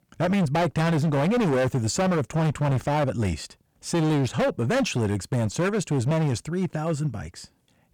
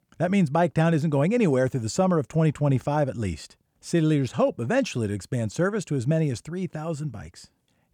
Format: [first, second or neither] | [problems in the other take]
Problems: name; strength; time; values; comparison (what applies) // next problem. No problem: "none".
second | distortion; heavy; 22% of the sound clipped